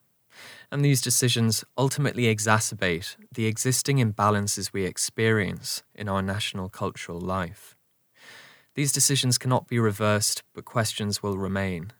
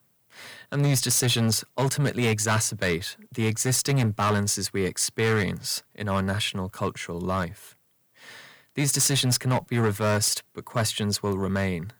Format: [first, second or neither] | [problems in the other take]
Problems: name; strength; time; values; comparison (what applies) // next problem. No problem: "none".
first | distortion; slight; 7% of the sound clipped